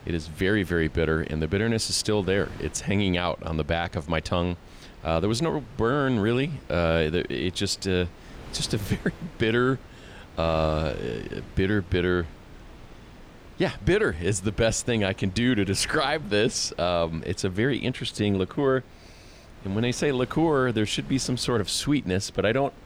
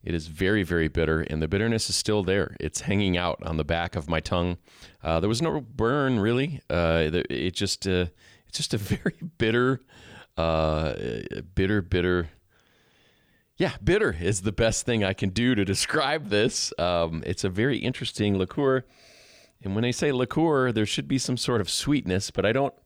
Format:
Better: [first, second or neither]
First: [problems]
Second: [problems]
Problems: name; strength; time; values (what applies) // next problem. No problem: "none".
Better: second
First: wind noise on the microphone; occasional gusts; 20 dB below the speech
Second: none